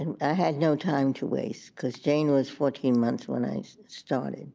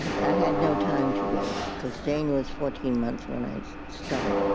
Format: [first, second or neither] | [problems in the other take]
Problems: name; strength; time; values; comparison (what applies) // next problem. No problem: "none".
first | background sound (Mechanisms); 1 dB above the speech